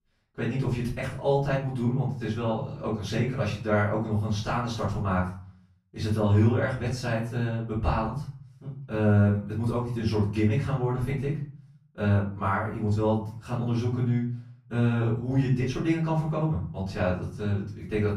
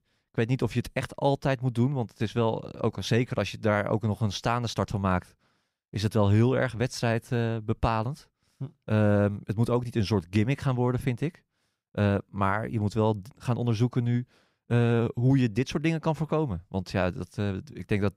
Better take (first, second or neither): second